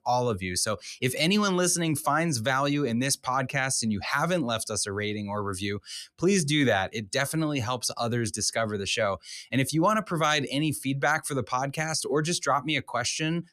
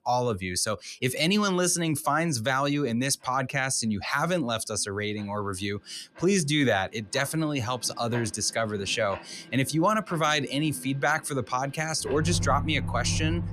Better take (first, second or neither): first